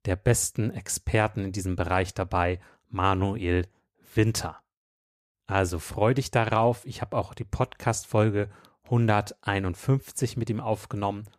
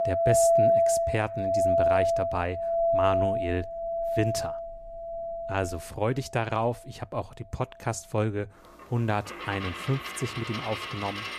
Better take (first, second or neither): first